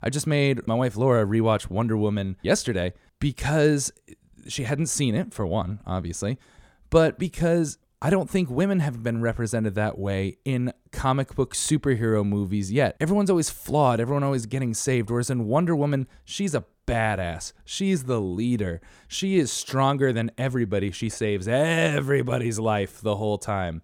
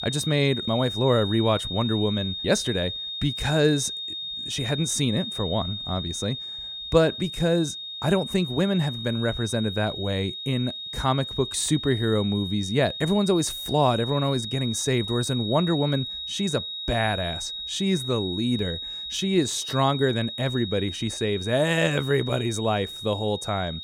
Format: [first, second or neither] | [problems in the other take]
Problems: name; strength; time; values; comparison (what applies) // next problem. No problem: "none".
first | high-pitched whine; loud; throughout; 3.5 kHz, 6 dB below the speech